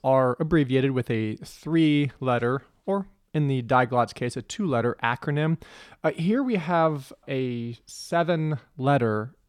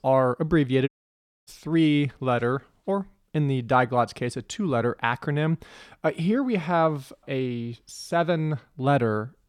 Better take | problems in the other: first | audio cutting out; at 1 s for 0.5 s

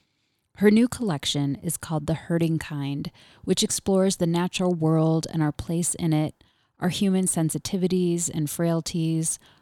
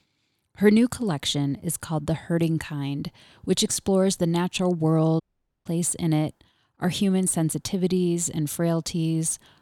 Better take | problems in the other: first | audio cutting out; at 5 s

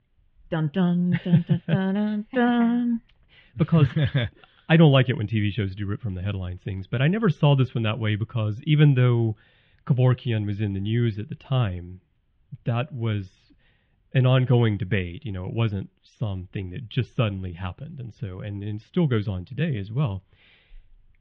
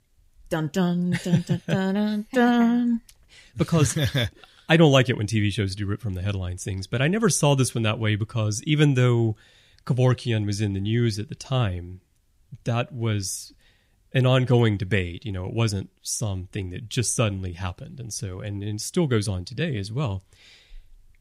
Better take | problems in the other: second | muffled; very; fading above 3 kHz

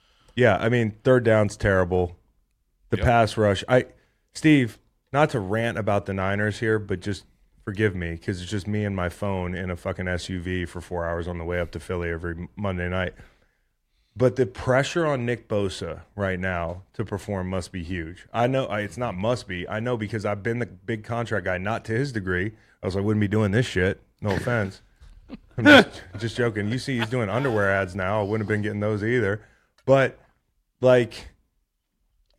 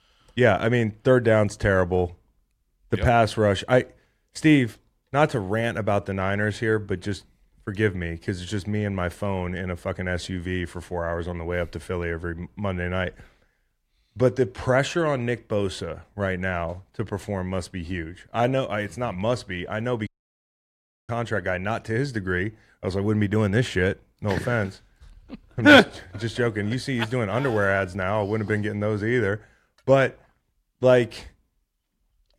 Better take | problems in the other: first | audio cutting out; at 20 s for 1 s

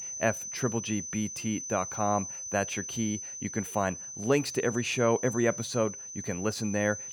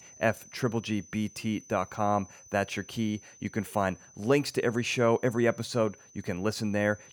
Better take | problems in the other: second | high-pitched whine; loud; throughout; 6 kHz, 6 dB below the speech; faint in the second

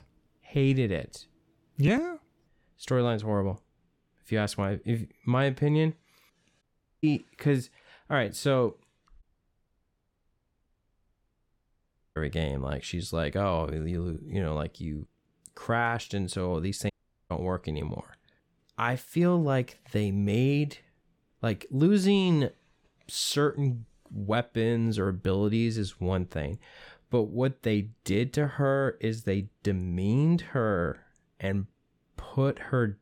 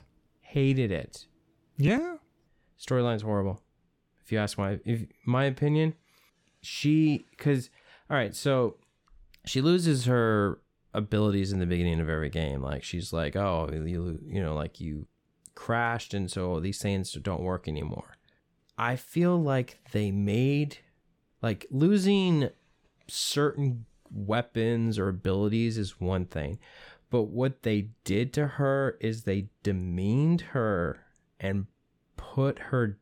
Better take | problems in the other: second | audio cutting out; at 6.5 s, at 9 s for 3 s and at 17 s

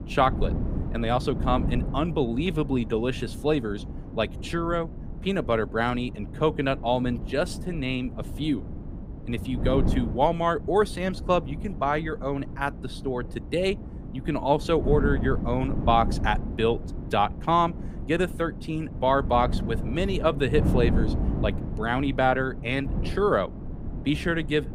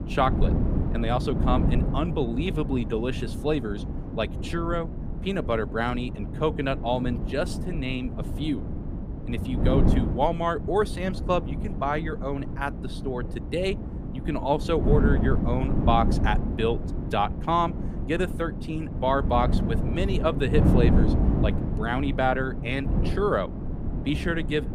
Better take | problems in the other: first | wind noise on the microphone; heavy; 9 dB below the speech; occasional gusts in the first

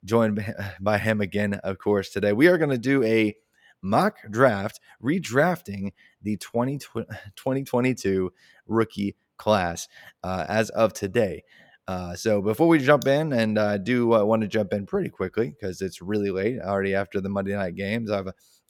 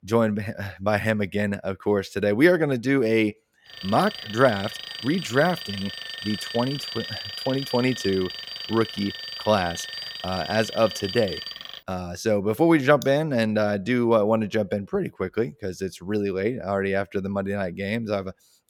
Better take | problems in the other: first | alarm; noticeable; from 3.5 to 12 s; peak 7 dB below the speech

